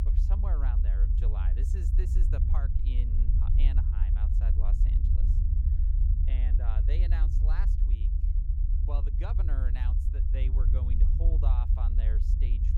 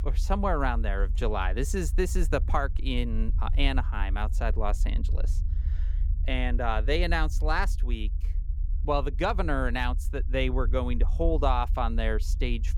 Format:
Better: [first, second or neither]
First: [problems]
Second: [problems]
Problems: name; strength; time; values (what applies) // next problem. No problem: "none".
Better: second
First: low rumble; loud; throughout; 1 dB below the speech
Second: low rumble; faint; throughout; 20 dB below the speech